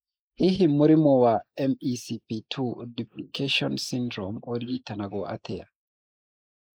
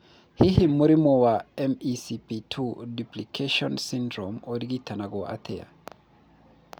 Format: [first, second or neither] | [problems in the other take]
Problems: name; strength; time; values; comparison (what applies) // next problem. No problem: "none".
second | noise reduction (neural mask model Resemble Enhance denoiser)